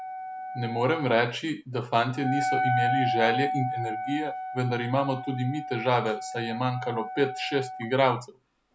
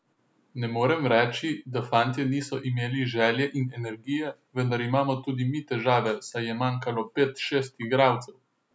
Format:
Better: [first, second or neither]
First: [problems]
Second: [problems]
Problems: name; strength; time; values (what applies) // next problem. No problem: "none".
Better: second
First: background sound (Wind instrument, woodwind instrument); 4 dB below the speech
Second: none